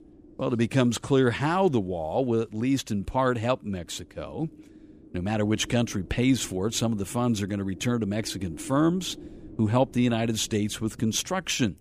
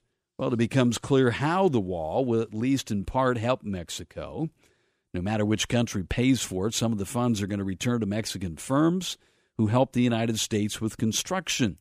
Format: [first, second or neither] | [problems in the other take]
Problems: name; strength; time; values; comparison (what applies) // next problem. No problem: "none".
second | wind noise on the microphone; occasional gusts; 25 dB below the speech